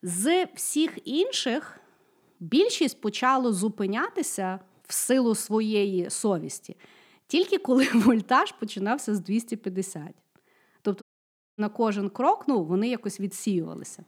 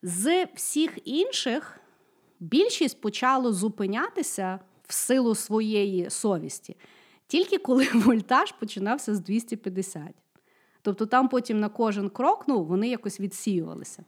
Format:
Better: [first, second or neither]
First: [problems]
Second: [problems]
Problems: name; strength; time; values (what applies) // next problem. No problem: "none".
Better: second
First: audio cutting out; at 11 s for 0.5 s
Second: none